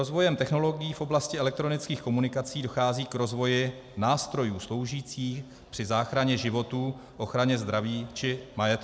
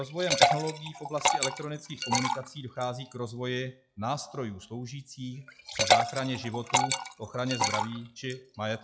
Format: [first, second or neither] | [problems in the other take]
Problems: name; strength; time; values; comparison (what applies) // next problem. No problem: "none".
first | noise reduction (classical method log-MMSE)